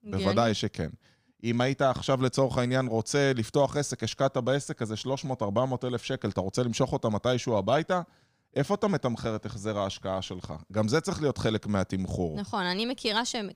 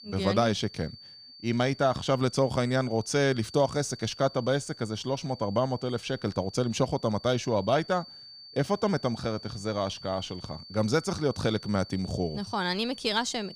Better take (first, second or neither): first